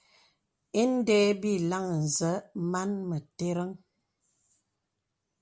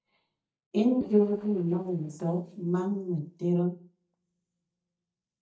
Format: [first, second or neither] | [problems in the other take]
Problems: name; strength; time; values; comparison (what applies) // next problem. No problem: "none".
first | noise reduction (neural mask model DeepFilterNet 3)